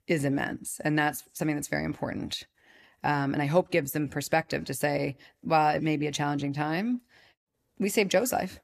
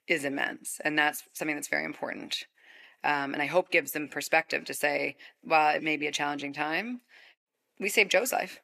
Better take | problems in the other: first | thin; somewhat; fading below 350 Hz

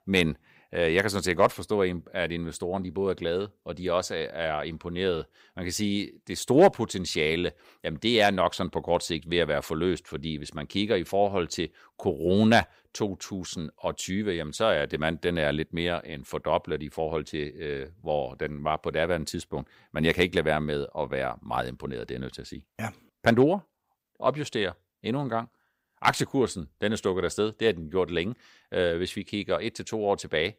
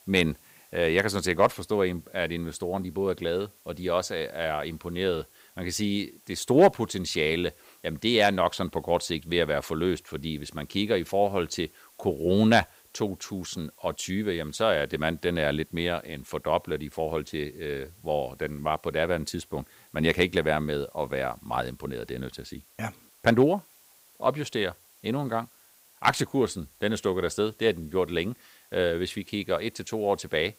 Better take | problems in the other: first | hiss; faint; throughout; 25 dB below the speech

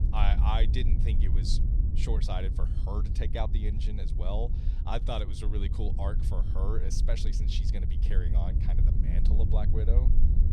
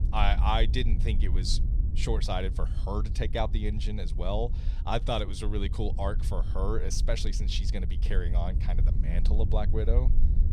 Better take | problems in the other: second | wind noise on the microphone; heavy; 7 dB below the speech; occasional gusts in the second

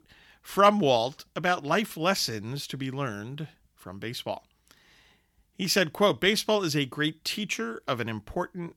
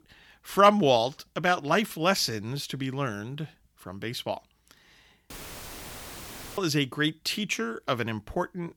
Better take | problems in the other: first | audio cutting out; filled with static; at 5.5 s for 1.5 s

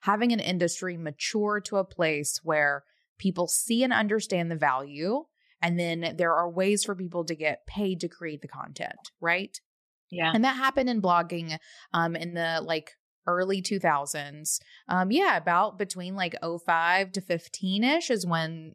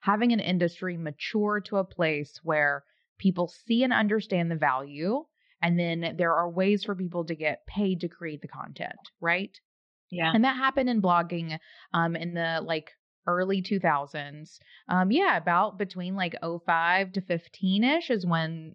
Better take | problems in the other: first | muffled; slightly; fading above 4 kHz

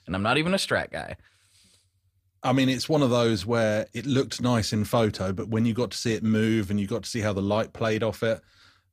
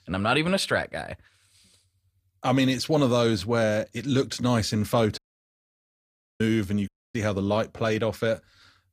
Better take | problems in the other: first | audio cutting out; at 5 s for 1 s and at 7 s

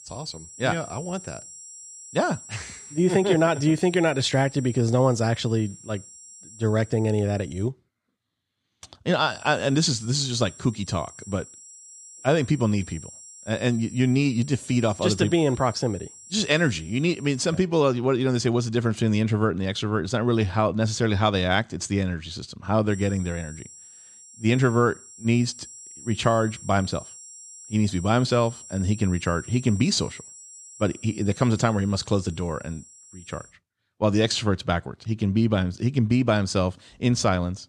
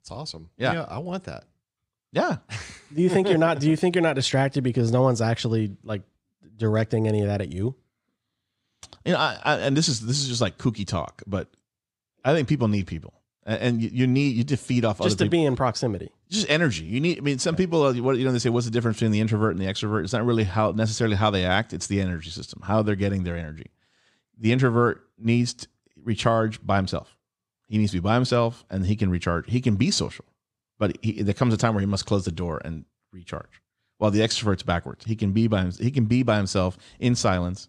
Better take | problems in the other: second | high-pitched whine; noticeable; until 7.5 s, from 9.5 to 18 s and from 23 to 33 s; 7.5 kHz, 20 dB below the speech

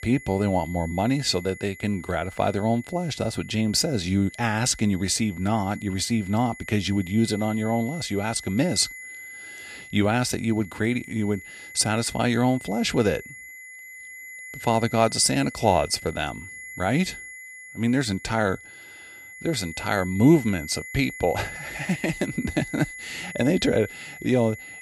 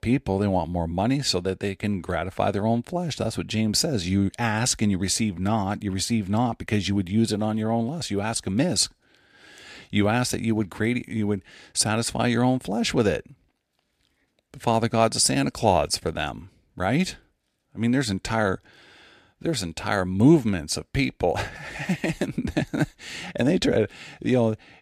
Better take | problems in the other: second | high-pitched whine; noticeable; throughout; 2 kHz, 15 dB below the speech

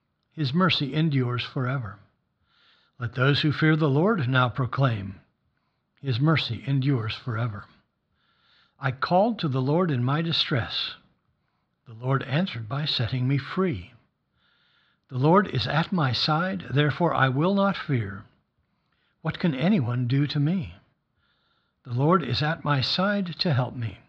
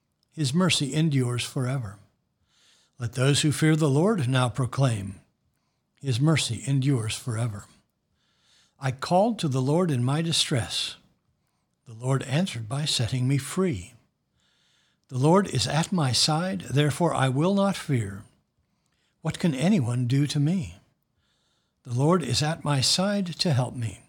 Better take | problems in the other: second | muffled; very slightly; fading above 4 kHz

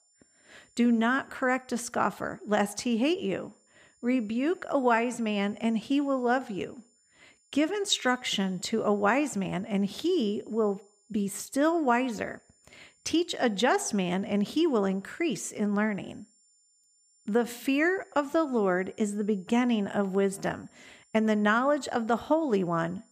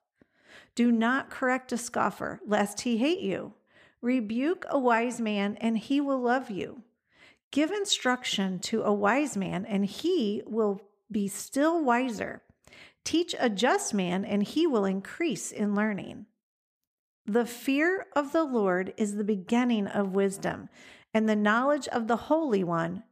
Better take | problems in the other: second | high-pitched whine; faint; throughout; 7 kHz, 35 dB below the speech

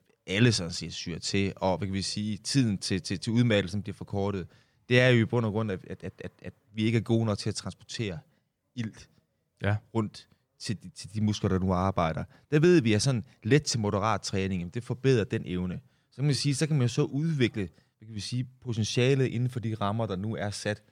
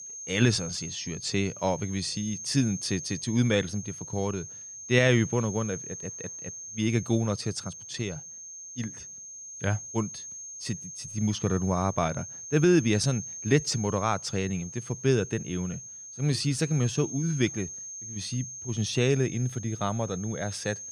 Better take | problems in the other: first | high-pitched whine; loud; throughout; 6.5 kHz, 10 dB below the speech

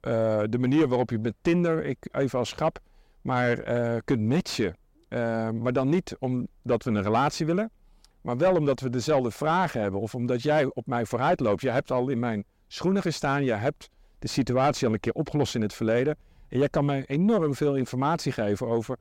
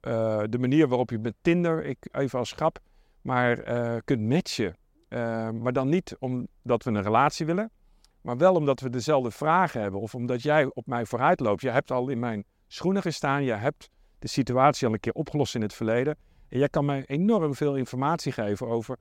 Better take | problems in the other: second | distortion; slight; 10 dB below the speech

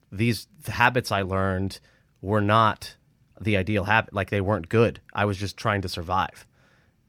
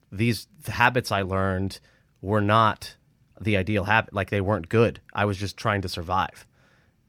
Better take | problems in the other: neither | none

